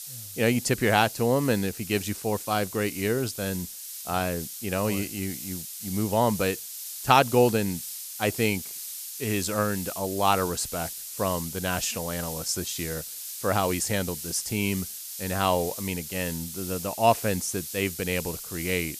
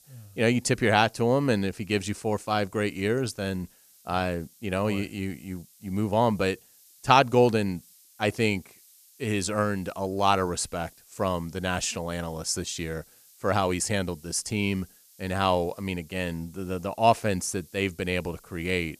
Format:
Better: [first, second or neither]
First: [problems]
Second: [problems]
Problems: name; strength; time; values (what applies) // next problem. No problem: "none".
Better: second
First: hiss; loud; throughout; 8 dB below the speech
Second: hiss; faint; throughout; 25 dB below the speech